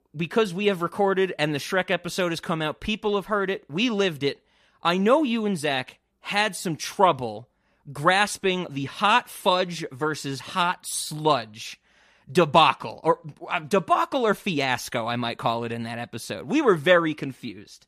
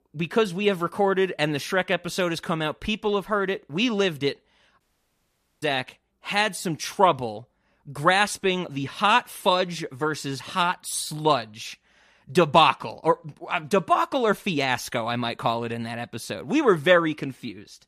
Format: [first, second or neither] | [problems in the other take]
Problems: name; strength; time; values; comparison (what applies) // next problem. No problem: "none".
first | audio cutting out; at 5 s for 1 s